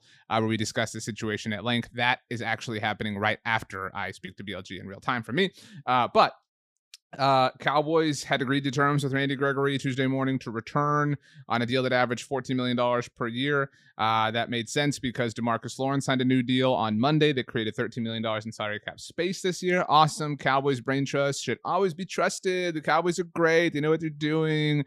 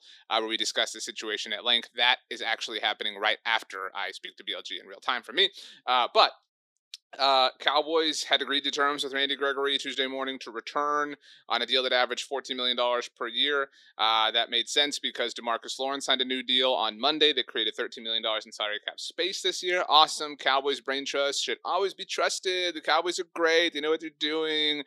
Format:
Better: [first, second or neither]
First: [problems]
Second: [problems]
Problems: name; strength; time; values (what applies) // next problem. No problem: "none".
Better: first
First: none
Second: thin; somewhat; fading below 350 Hz